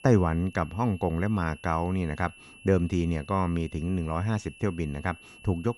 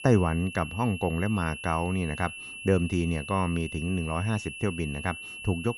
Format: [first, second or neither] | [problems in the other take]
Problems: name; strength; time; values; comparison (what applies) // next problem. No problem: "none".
first | high-pitched whine; loud; throughout; 2.5 kHz, 9 dB below the speech; faint in the first